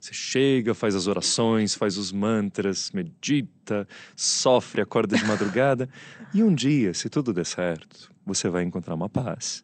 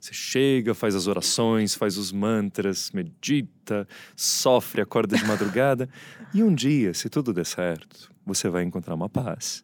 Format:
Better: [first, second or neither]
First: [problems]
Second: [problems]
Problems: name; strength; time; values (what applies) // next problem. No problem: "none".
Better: second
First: garbled, watery; slightly; nothing above 8.5 kHz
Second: none